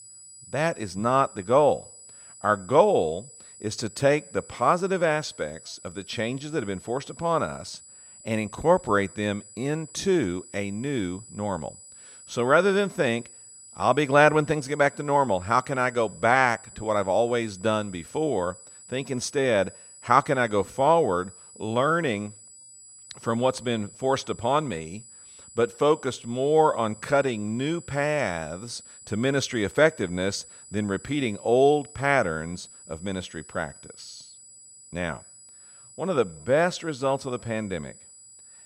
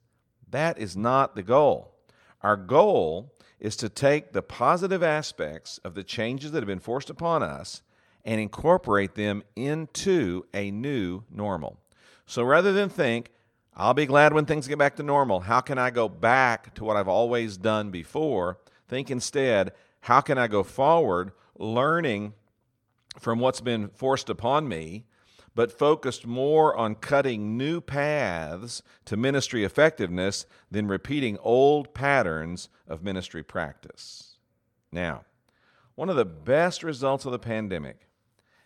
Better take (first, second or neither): second